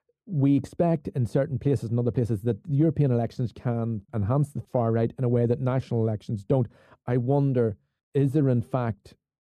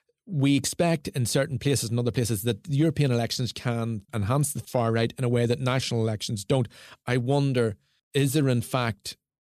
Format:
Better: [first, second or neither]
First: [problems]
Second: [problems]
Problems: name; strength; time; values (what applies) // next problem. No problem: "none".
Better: second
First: muffled; very; fading above 2 kHz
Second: none